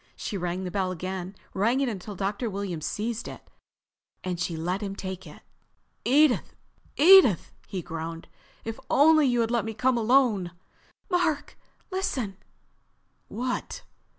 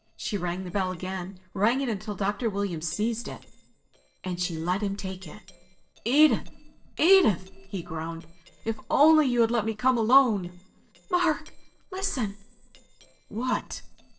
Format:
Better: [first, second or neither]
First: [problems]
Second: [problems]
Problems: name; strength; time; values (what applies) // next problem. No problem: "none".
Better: first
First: none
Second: noise reduction (neural separator model SepFormer DNS4)